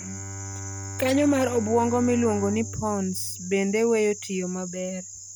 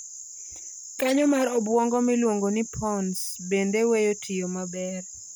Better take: second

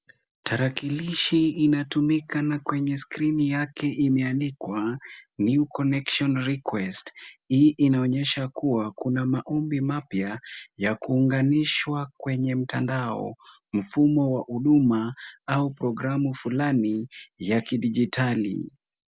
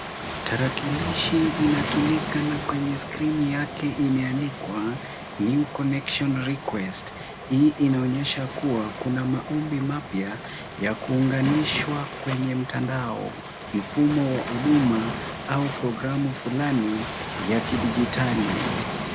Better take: first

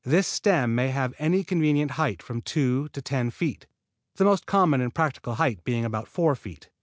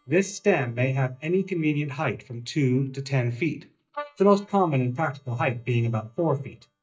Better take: first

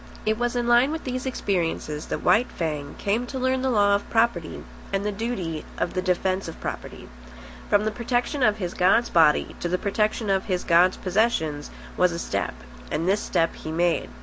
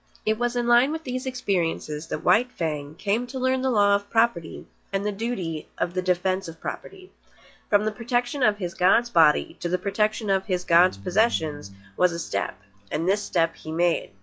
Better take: first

